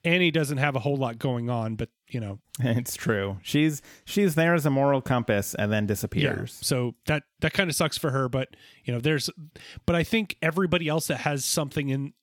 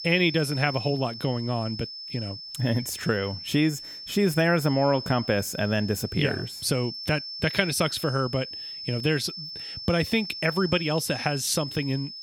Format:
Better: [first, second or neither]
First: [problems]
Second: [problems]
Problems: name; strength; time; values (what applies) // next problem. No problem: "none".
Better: first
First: none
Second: high-pitched whine; loud; throughout; 5.5 kHz, 9 dB below the speech